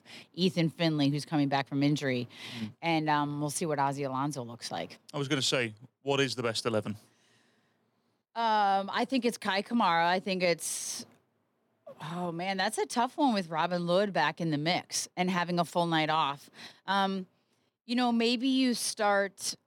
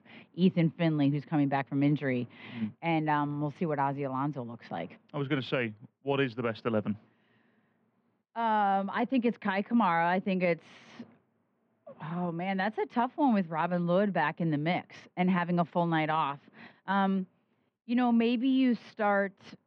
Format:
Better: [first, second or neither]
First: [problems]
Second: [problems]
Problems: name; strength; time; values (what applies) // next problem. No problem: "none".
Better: first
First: none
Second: muffled; very; fading above 2.5 kHz